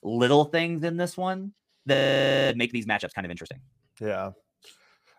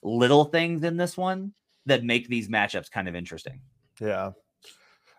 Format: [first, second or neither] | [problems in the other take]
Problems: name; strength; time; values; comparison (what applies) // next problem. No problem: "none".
second | audio freezing; at 2 s for 0.5 s